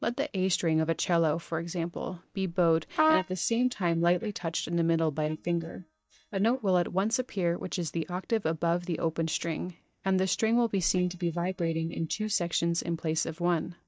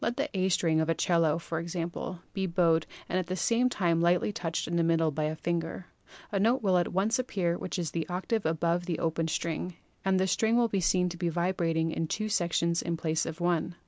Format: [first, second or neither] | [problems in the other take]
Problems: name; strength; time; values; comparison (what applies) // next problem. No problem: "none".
second | noise reduction (neural mask model DeepFilterNet 3)